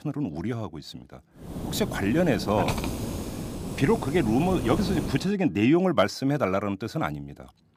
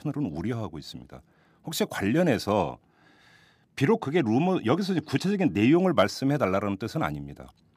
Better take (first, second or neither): second